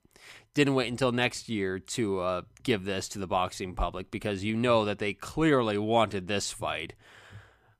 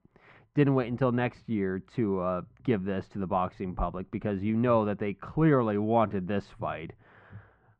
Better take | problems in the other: first | muffled; very; fading above 1.5 kHz

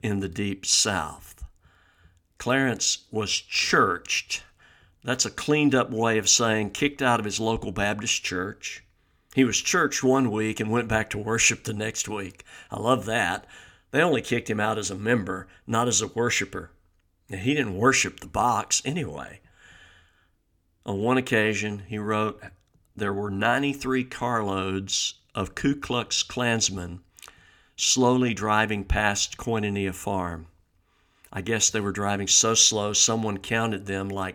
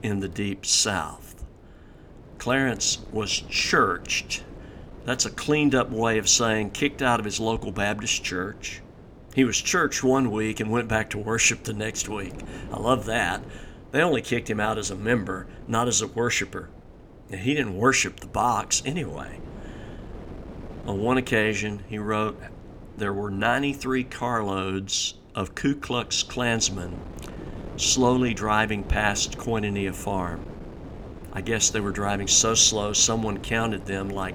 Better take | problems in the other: first | wind noise on the microphone; occasional gusts; 20 dB below the speech

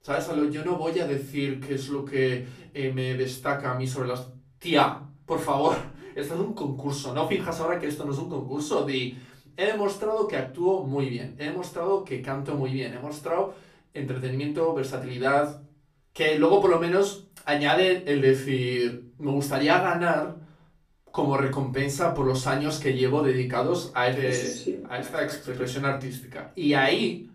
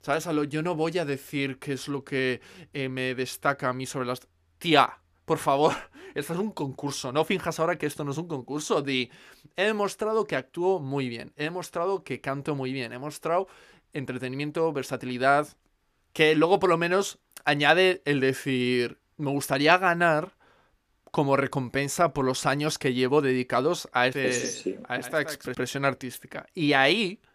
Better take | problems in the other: second | off-mic speech; far // room echo; slight; dies away in 0.4 s

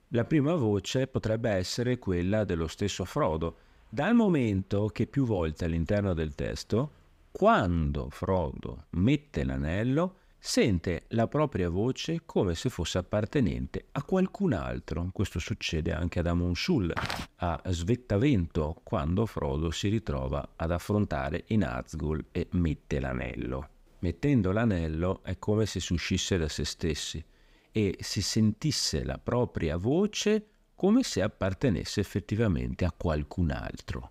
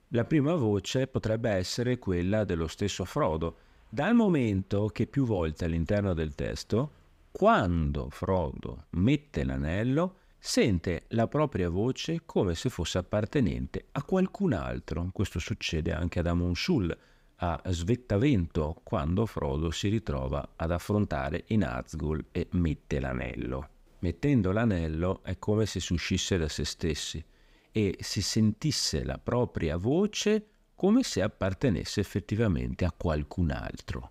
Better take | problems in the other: second | footsteps; noticeable; at 17 s; peak 4 dB below the speech

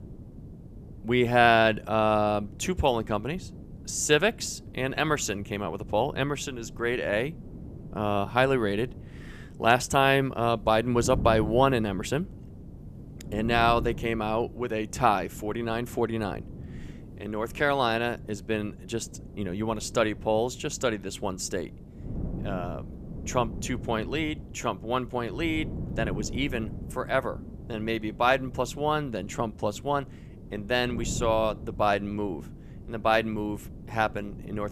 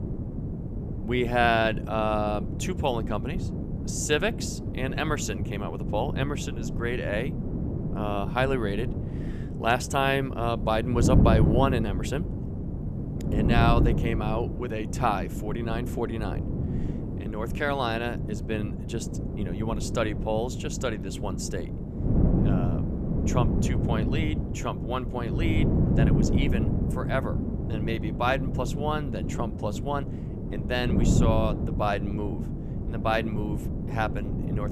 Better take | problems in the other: first | wind noise on the microphone; heavy; 8 dB below the speech; occasional gusts in the first

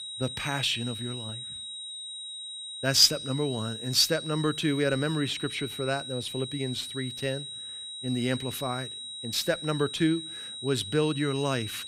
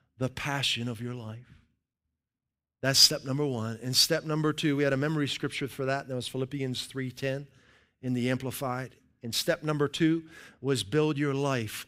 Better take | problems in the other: second | high-pitched whine; loud; throughout; 4 kHz, 8 dB below the speech

